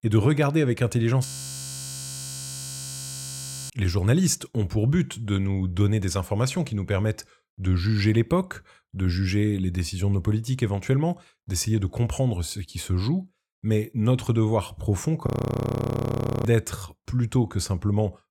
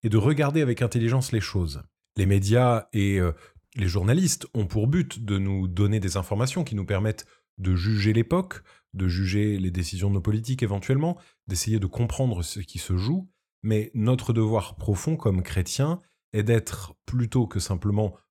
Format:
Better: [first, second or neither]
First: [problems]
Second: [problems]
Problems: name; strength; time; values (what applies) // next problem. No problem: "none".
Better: second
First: audio freezing; at 1.5 s for 2.5 s and at 15 s for 1 s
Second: none